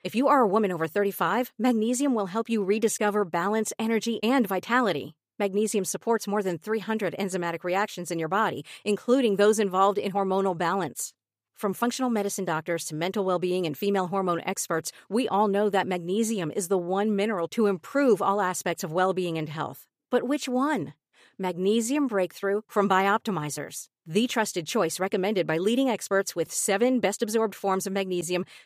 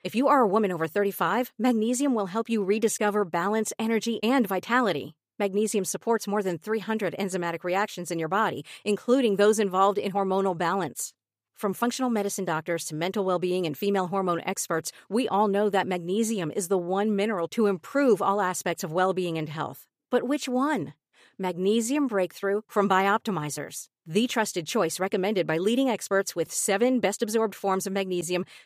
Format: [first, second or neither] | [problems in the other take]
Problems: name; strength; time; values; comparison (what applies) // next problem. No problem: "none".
neither | none